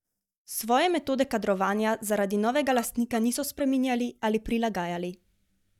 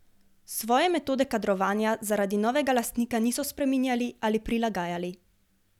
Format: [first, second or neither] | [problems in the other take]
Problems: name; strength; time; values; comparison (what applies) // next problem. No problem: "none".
second | noise reduction (neural mask model DeepFilterNet 3)